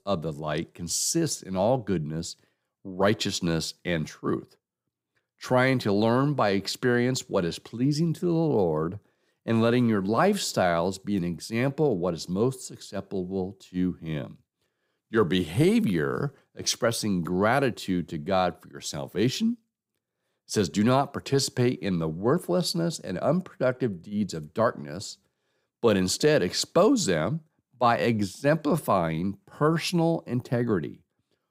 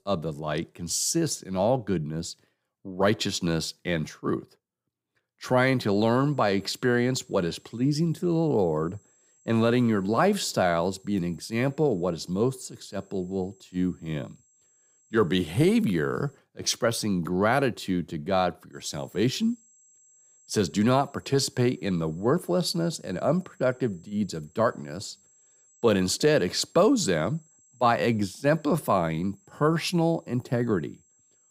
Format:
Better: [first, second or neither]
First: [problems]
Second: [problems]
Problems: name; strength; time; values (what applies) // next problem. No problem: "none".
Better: first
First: none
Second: high-pitched whine; faint; from 6 to 16 s and from 19 s on; 7.5 kHz, 35 dB below the speech